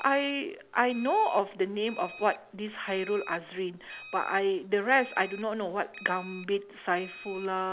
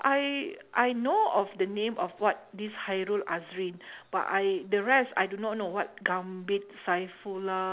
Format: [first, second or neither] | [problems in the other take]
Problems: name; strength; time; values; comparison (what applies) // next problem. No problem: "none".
second | background sound (Alarm); 18 dB below the speech